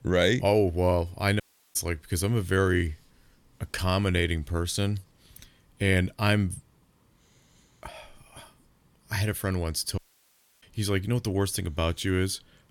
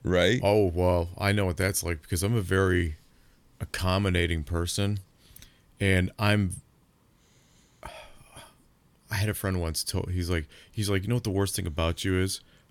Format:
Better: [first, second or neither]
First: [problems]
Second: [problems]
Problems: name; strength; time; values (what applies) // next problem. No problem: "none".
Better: second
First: audio cutting out; at 1.5 s and at 10 s for 0.5 s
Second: none